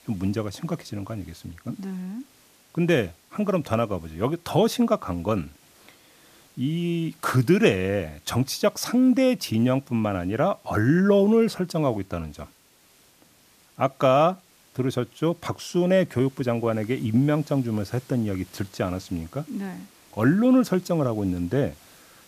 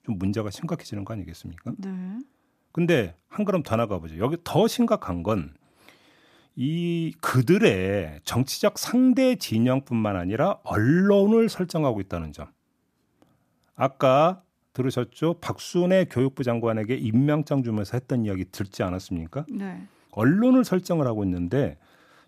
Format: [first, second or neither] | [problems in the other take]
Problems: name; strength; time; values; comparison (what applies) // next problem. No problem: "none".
second | hiss; faint; throughout; 30 dB below the speech